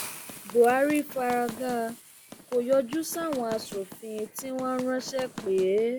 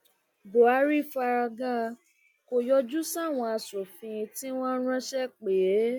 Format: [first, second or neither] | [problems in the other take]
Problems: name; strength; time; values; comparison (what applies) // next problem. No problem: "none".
second | background sound (Run + Hiss); 15 dB below the speech